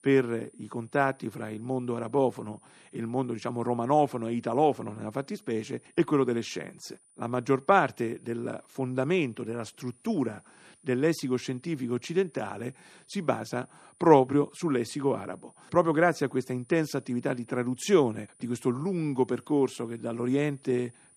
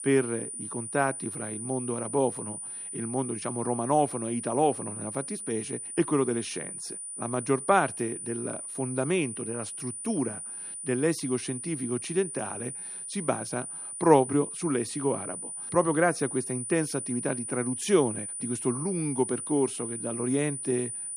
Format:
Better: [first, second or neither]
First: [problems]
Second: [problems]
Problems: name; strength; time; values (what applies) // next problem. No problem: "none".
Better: first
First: high-pitched whine; faint; throughout; 9.5 kHz, 30 dB below the speech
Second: high-pitched whine; loud; throughout; 9.5 kHz, 6 dB below the speech